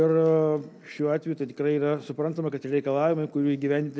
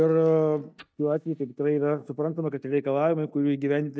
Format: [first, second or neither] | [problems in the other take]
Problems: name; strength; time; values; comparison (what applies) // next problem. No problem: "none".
first | noise reduction (neural mask model DeepFilterNet 3)